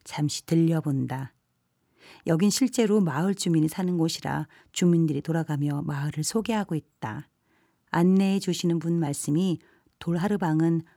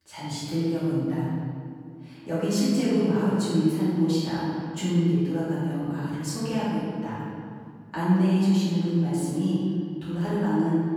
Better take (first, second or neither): first